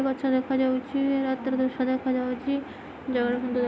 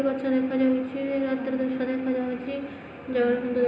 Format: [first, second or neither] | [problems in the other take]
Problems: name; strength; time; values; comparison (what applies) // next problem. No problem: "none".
first | room echo; dies away in 0.9 s